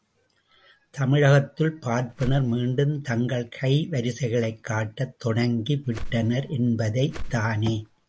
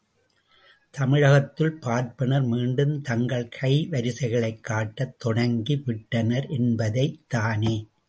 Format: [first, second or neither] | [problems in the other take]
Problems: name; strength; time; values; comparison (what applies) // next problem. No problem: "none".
second | background sound (Whoosh, swoosh, swish); 11 dB below the speech